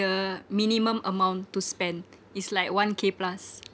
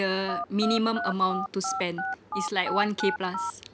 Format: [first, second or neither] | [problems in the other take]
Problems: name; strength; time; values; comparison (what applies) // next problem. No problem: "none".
first | background sound (Telephone); 5 dB below the speech